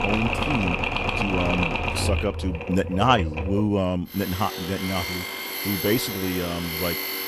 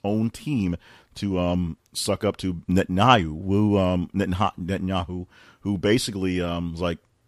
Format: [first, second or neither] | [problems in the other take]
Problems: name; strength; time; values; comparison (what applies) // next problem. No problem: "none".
second | machinery noise; loud; throughout; 1 dB below the speech